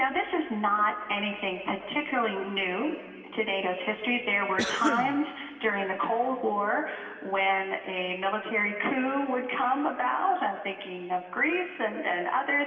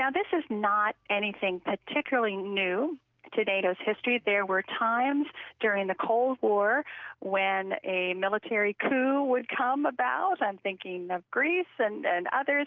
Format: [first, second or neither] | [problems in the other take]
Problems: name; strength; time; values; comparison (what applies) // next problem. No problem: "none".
second | background sound (Cough); 4 dB below the speech // room echo; dies away in 2.5 s